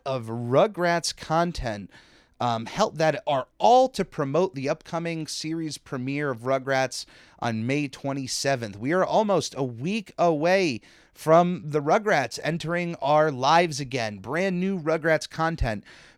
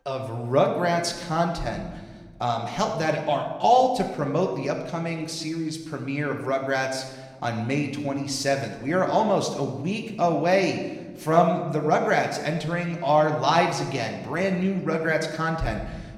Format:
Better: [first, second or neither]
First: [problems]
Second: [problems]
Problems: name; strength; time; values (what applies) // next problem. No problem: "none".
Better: first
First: none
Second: room echo; slight; dies away in 1 s // off-mic speech; somewhat distant